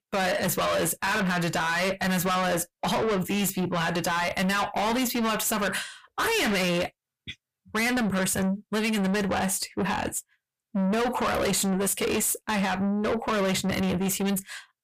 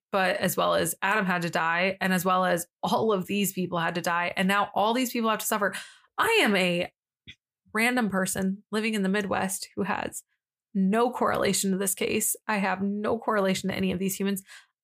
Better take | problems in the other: second | distortion; heavy; 6 dB below the speech

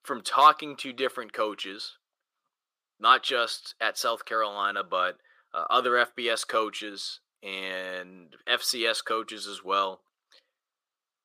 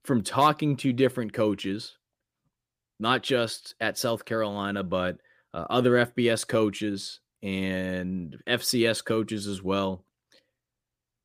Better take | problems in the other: second | thin; very; fading below 550 Hz

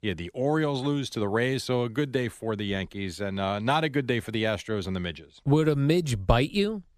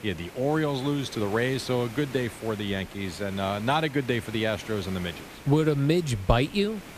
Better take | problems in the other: first | hiss; noticeable; throughout; 15 dB below the speech

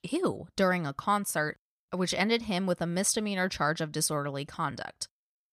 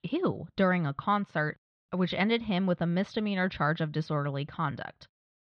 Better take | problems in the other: first | muffled; slightly; fading above 3.5 kHz

